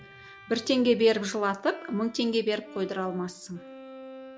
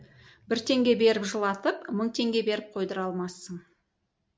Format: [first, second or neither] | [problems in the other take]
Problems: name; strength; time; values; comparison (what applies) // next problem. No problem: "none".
second | background sound (Bowed string instrument); 19 dB below the speech